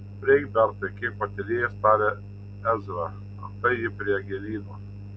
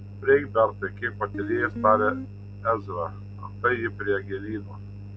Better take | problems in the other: first | background sound (Guitar); 7 dB below the speech

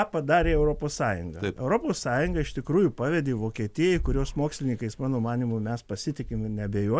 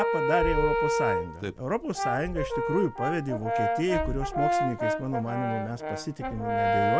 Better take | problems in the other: first | background sound (Brass instrument); 2 dB above the speech

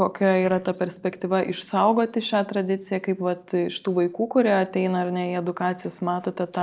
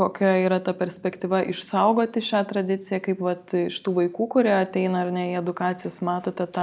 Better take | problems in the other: second | noise reduction (neural separator model SepFormer DNS4)

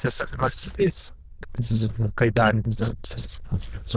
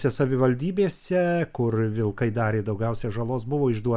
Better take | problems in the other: second | noise reduction (neural diffusion model UNIVERSE++)

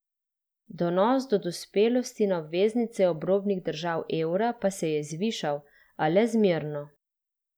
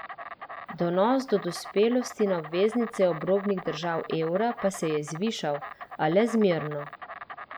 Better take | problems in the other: first | background sound (Insect); 14 dB below the speech

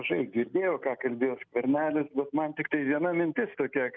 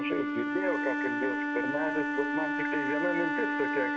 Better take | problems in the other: first | background sound (Wind instrument, woodwind instrument); 3 dB above the speech // room echo; dies away in 0.9 s

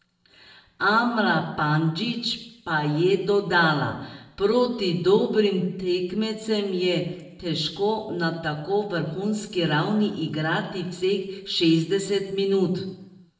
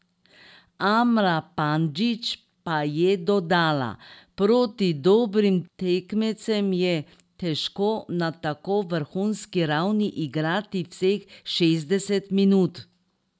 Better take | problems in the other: second | room echo; dies away in 0.8 s

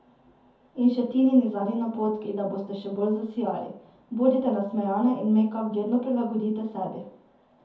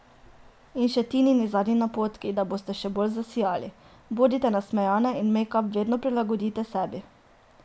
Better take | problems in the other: second | room echo; dies away in 0.5 s

